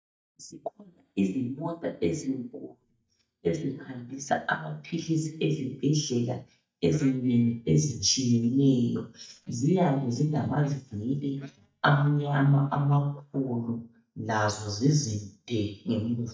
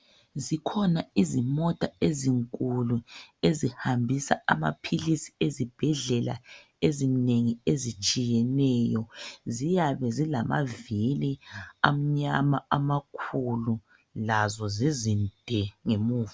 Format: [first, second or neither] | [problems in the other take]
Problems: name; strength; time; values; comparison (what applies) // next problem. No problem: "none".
second | noise reduction (neural mask model DeepFilterNet 3)